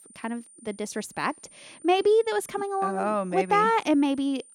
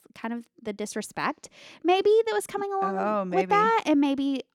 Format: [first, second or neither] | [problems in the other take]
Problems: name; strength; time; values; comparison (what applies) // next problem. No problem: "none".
second | high-pitched whine; faint; throughout; 9 kHz, 25 dB below the speech